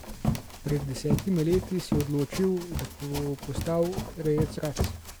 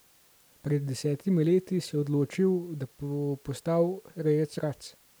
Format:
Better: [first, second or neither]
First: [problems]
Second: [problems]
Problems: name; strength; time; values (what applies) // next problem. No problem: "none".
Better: second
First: background sound (Run); 4 dB below the speech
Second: none